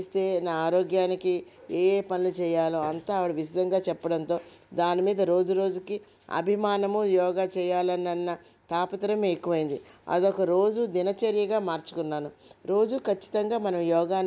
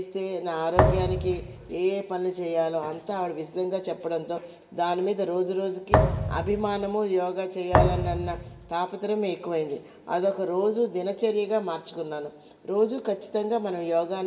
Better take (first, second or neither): first